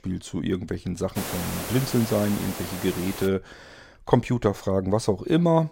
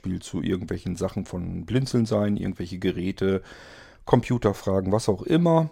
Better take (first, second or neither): second